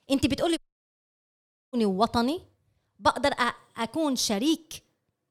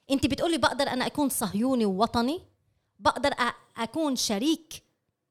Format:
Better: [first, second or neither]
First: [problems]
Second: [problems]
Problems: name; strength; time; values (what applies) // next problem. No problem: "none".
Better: second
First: audio cutting out; at 0.5 s for 1 s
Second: none